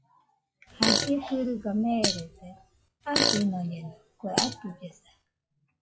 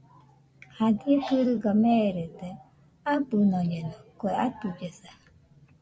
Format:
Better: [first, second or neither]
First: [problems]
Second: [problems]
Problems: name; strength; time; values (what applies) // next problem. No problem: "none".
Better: second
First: noise reduction (classical method log-MMSE)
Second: none